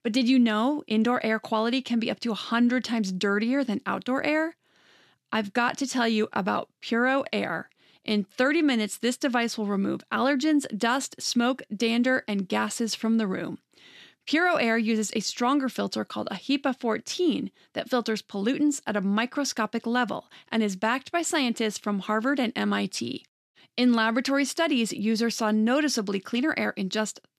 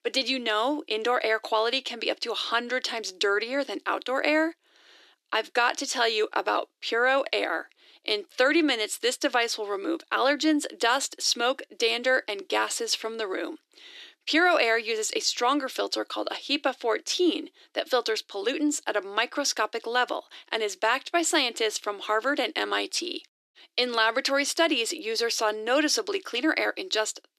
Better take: first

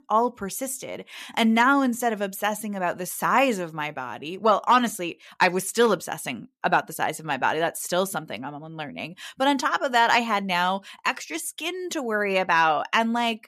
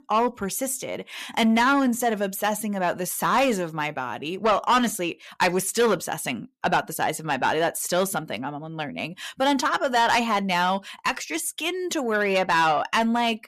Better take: first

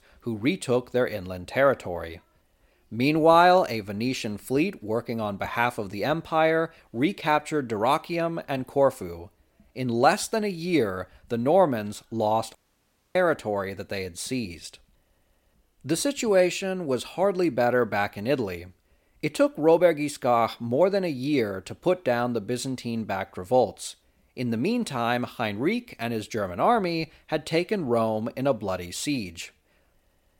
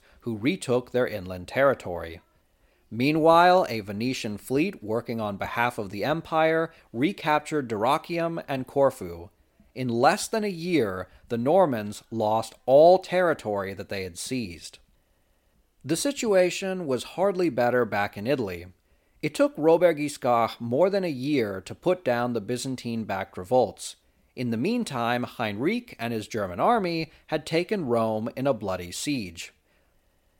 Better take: second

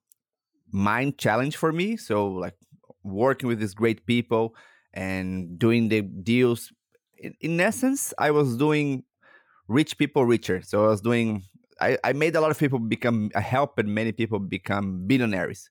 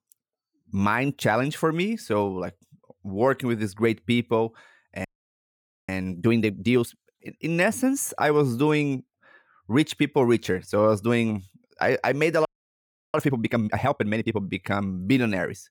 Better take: first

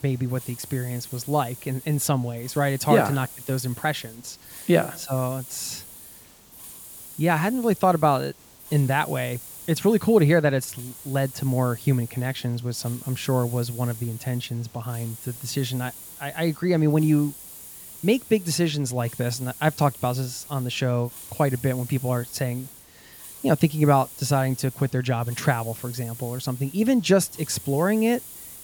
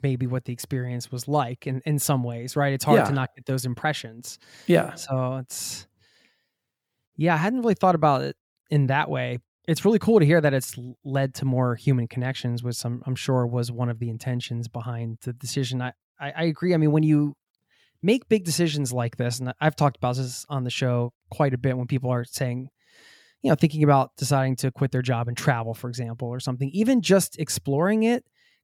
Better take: second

